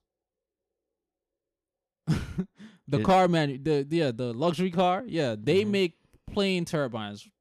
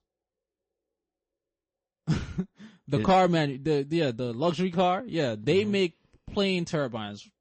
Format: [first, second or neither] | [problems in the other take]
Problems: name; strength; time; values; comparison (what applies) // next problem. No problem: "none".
first | garbled, watery; slightly; nothing above 8 kHz